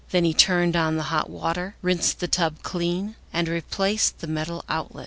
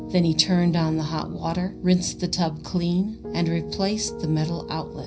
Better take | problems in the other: first | background sound (Piano); 12 dB below the speech // room echo; dies away in 0.4 s

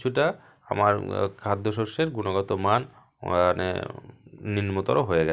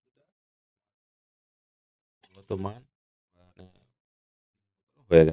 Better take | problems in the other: first | noise reduction (neural mask model DeepFilterNet 3)

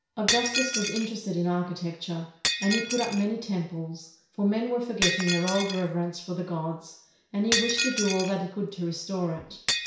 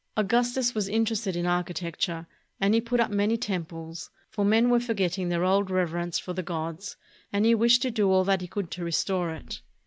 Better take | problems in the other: second | background sound (Shatter); 4 dB below the speech // room echo; dies away in 0.6 s

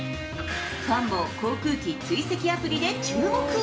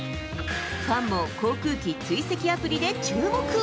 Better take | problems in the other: second | room echo; dies away in 0.4 s

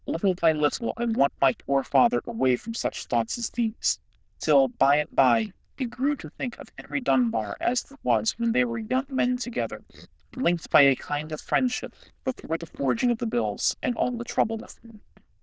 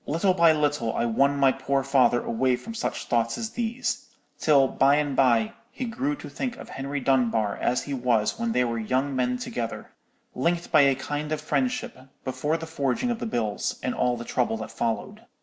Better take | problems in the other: second | noise reduction (neural diffusion model UNIVERSE++)

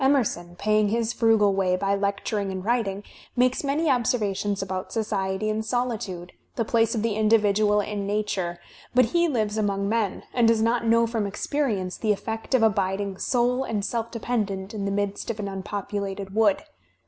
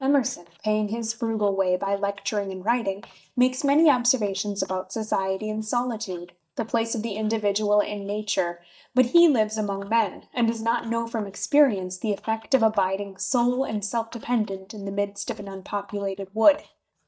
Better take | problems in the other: first | noise reduction (neural mask model DeepFilterNet 3)

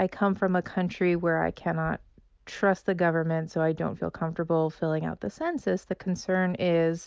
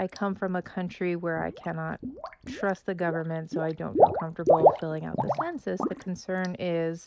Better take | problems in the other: first | noise reduction (neural mask model Resemble Enhance denoiser)

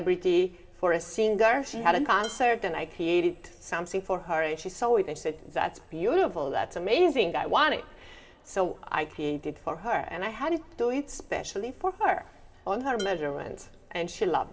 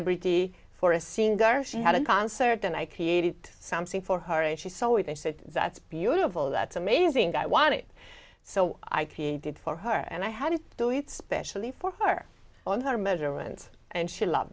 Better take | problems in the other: second | background sound (Dishes, pots, and pans); 19 dB below the speech // room echo; dies away in 2.8 s

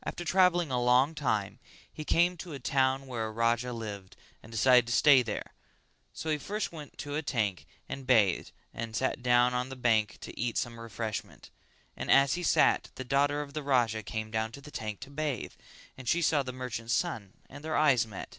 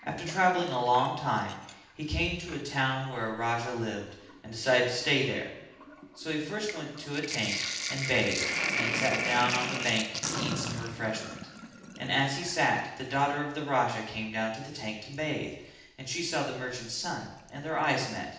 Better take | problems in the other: first | background sound (Sink (filling or washing)); 7 dB below the speech // room echo; dies away in 0.8 s

